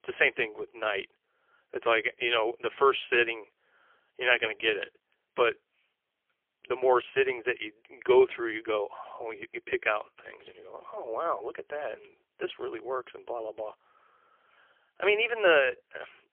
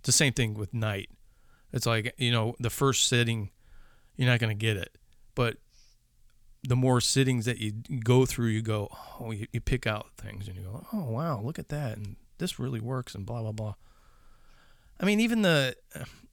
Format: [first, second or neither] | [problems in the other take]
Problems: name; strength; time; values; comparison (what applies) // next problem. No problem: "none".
second | phone-call audio; poor line; nothing above 3.5 kHz